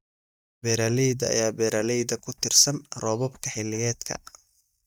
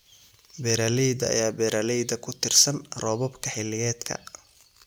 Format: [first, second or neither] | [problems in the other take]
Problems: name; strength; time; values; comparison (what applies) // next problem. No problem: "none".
second | noise reduction (neural mask model DeepFilterNet 3)